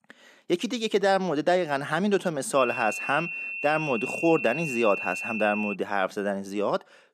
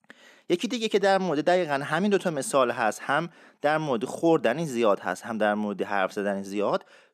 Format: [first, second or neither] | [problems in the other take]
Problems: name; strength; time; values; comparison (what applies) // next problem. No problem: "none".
second | high-pitched whine; loud; from 2.5 to 5.5 s; 2.5 kHz, 5 dB below the speech